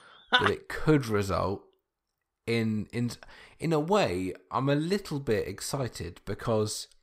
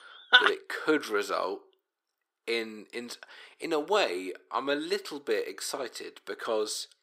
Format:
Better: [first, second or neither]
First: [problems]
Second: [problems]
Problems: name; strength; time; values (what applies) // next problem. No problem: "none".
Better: first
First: none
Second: thin; somewhat; fading below 350 Hz